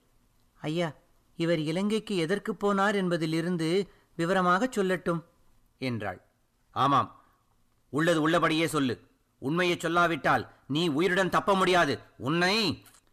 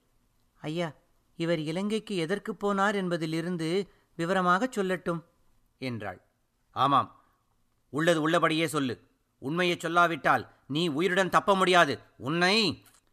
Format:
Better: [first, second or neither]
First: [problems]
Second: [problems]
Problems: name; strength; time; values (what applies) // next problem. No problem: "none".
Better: second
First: distortion; slight; 10 dB below the speech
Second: none